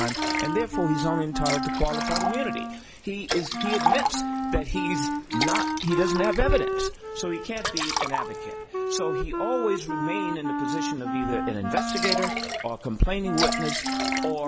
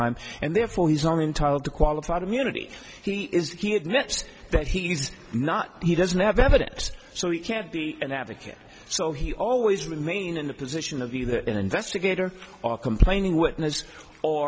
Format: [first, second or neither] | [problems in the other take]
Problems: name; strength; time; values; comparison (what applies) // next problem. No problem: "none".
second | background sound (Liquid + Wind instrument, woodwind instrument); 1 dB above the speech